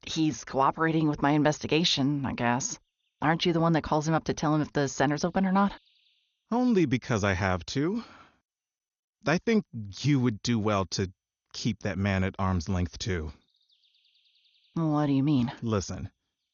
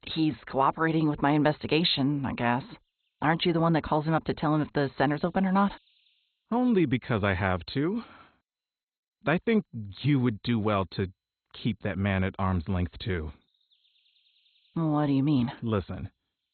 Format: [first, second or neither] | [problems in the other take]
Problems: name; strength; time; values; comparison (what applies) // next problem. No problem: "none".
first | garbled, watery; badly; nothing above 4 kHz; slightly in the first